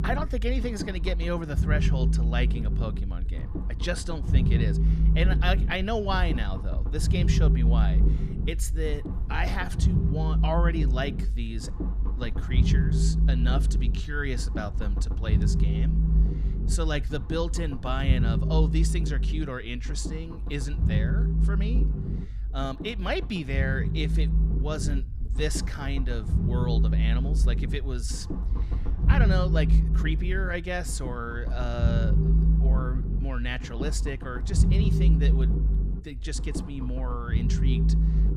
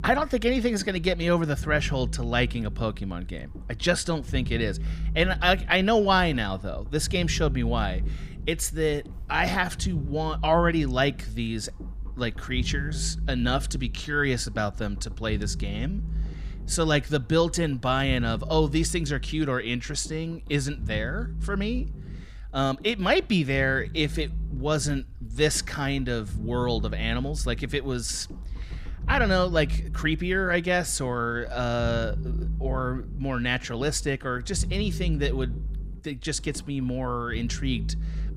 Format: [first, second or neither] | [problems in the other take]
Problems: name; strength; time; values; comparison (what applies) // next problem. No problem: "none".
second | low rumble; loud; throughout; 6 dB below the speech; faint in the second